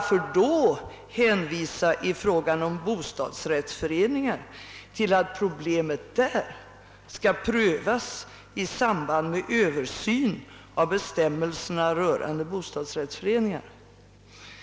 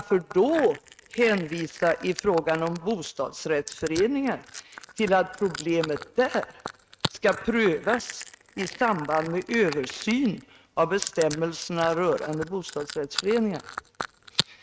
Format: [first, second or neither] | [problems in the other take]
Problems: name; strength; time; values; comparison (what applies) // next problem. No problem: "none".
first | noise reduction (neural mask model RNNoise)